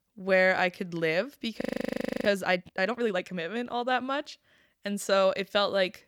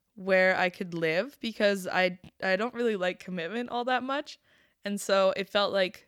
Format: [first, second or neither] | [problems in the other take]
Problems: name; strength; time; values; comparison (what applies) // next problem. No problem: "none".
second | audio freezing; at 1.5 s for 0.5 s